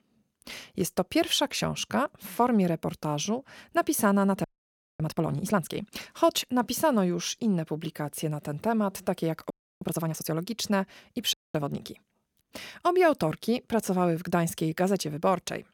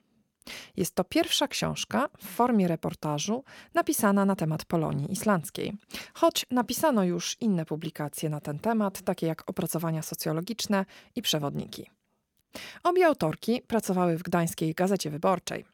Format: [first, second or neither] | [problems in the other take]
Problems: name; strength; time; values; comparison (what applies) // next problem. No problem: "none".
second | audio freezing; at 4.5 s for 0.5 s, at 9.5 s and at 11 s